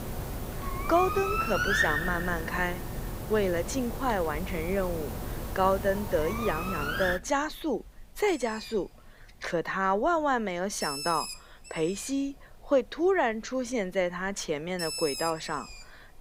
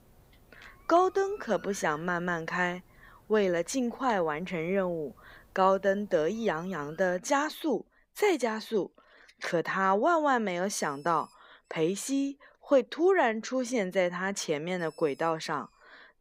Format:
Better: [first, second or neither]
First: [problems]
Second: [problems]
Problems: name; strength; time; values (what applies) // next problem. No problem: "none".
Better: second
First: animal sounds; loud; throughout; 4 dB below the speech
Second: animal sounds; faint; throughout; 30 dB below the speech